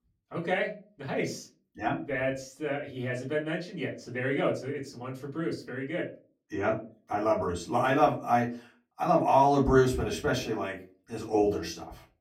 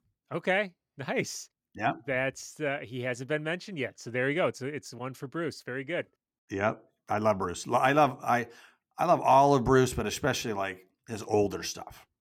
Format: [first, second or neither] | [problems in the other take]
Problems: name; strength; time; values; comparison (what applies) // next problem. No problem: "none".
second | off-mic speech; far // room echo; very slight; dies away in 0.3 s